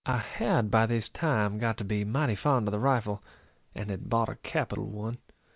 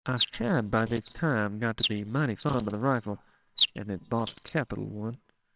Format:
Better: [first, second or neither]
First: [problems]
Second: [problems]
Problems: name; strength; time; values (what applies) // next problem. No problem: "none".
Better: first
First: none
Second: noise reduction (neural separator model SepFormer WHAMR!)